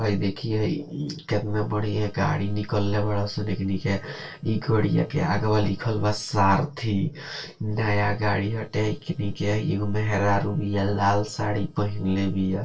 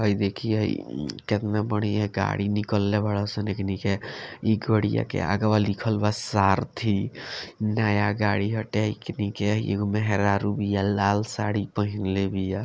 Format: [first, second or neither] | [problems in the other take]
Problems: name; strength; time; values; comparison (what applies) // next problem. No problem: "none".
second | noise reduction (neural separator model SepFormer DNS4)